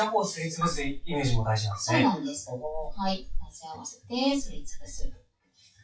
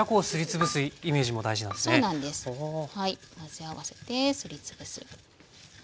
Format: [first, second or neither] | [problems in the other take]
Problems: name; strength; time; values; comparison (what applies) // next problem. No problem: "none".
second | noise reduction (classical method WPE with log-MMSE)